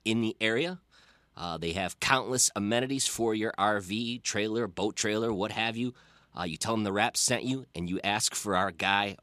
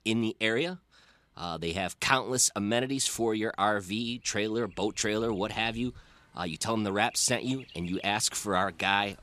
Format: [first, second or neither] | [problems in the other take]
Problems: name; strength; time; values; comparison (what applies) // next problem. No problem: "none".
first | animal sounds; faint; throughout; 25 dB below the speech